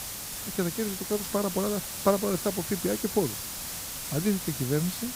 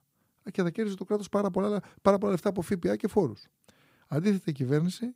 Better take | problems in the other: second | hiss; loud; throughout; 4 dB below the speech

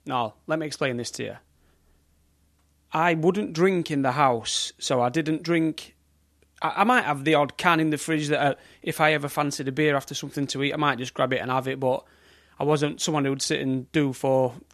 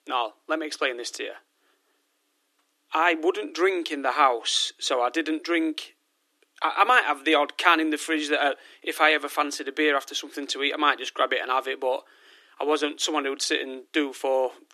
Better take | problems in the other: first | thin; somewhat; fading below 300 Hz

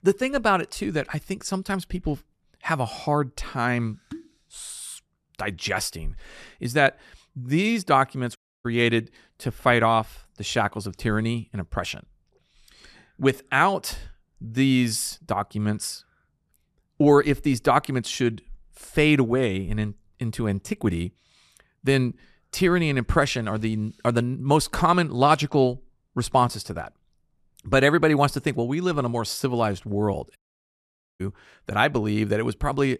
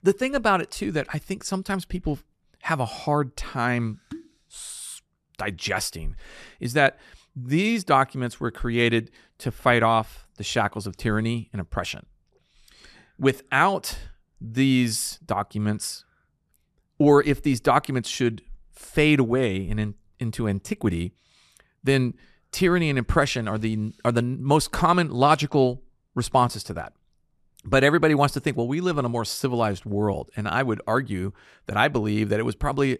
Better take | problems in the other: second | audio cutting out; at 8.5 s and at 30 s for 1 s

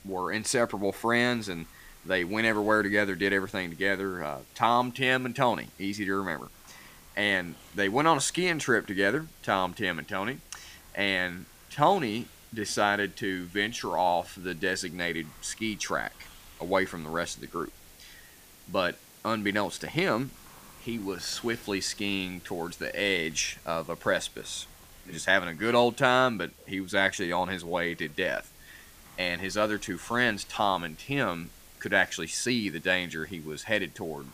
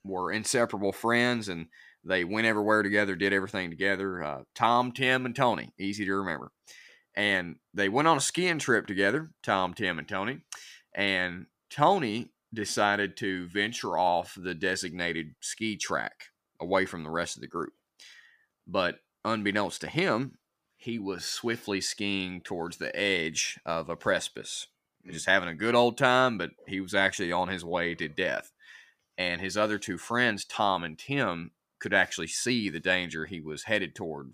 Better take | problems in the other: second | hiss; faint; throughout; 25 dB below the speech

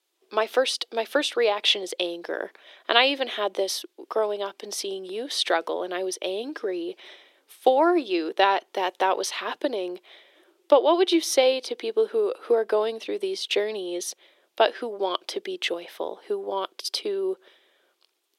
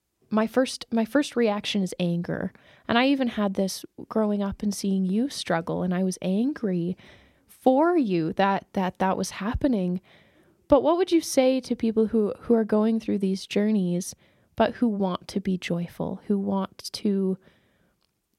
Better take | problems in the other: second | thin; very; fading below 350 Hz

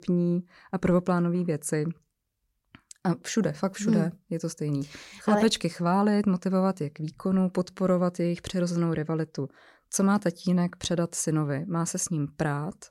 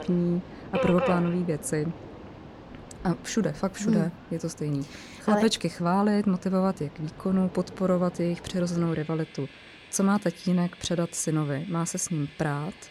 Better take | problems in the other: first | train or aircraft noise; noticeable; throughout; 15 dB below the speech

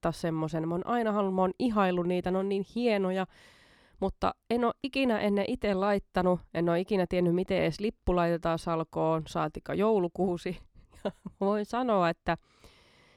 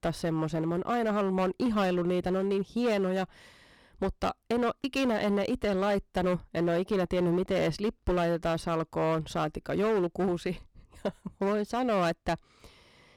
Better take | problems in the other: first | distortion; slight; 10% of the sound clipped

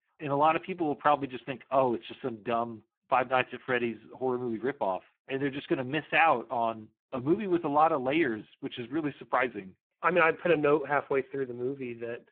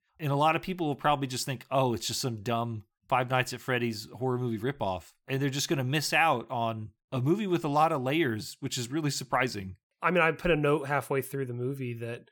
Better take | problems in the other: second | phone-call audio; poor line

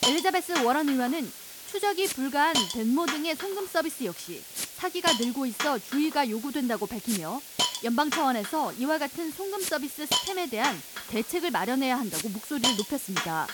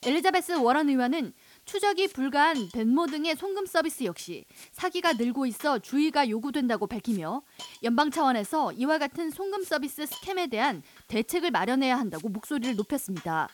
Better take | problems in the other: second | hiss; loud; throughout; 3 dB below the speech; faint in the second

